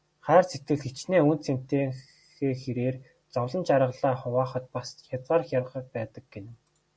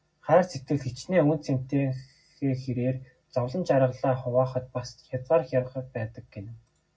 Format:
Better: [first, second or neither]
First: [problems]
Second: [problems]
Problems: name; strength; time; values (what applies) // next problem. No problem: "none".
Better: first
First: none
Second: room echo; dies away in 0.4 s